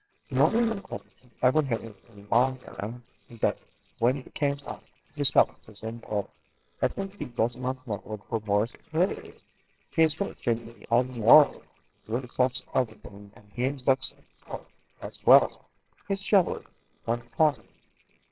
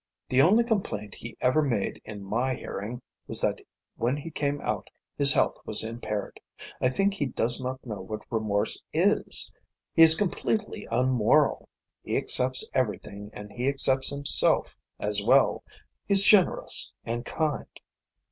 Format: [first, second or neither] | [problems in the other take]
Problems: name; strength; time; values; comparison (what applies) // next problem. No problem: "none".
second | noise reduction (neural separator model SepFormer WHAMR!)